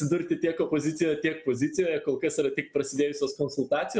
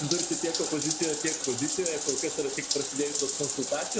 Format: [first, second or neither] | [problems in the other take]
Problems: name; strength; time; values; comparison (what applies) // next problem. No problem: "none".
first | background sound (Bathtub (filling or washing)); as loud as the speech